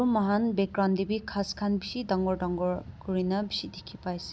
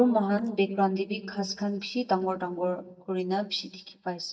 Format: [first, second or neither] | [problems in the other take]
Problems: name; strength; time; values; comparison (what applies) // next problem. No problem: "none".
first | noise reduction (neural mask model DeepFilterNet 3)